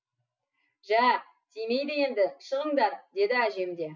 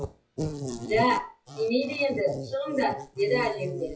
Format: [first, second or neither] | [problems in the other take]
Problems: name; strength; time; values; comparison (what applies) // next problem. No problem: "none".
first | noise reduction (classical method WPE with log-MMSE)